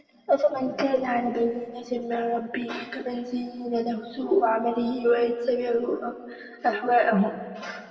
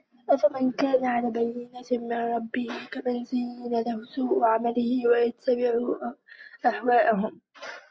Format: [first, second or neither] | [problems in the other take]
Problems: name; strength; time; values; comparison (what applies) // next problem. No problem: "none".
second | room echo; dies away in 1.7 s